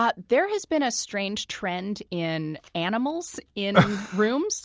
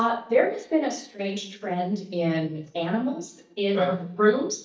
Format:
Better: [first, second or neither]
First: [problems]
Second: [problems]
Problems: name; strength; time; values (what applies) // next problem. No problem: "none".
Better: first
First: none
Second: noise reduction (neural mask model DeepFilterNet 3)